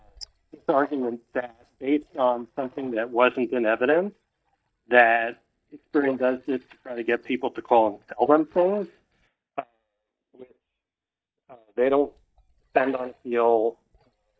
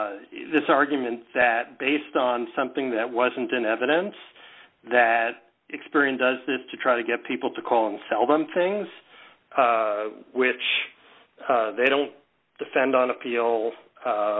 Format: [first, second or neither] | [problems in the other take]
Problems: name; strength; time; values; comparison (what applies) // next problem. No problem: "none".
second | noise reduction (neural mask model DeepFilterNet 3)